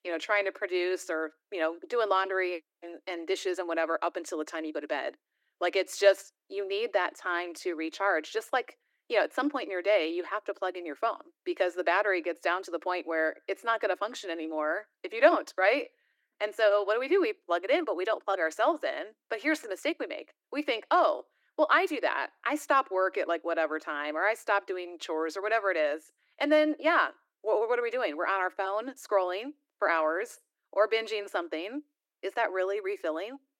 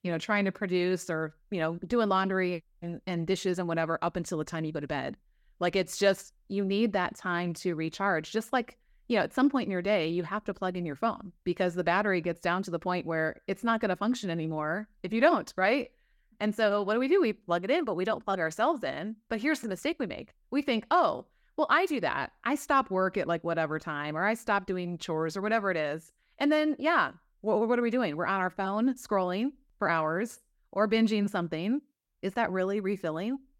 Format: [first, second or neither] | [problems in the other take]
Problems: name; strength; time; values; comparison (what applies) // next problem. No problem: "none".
second | thin; somewhat; fading below 300 Hz